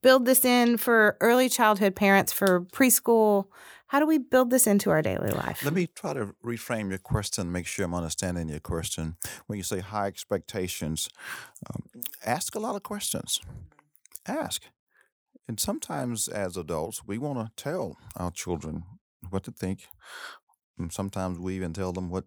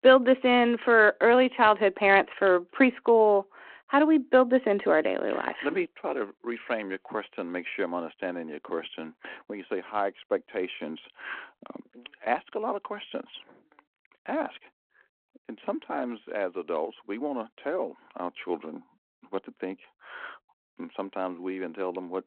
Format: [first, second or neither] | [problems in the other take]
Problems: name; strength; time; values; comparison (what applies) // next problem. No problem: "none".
first | phone-call audio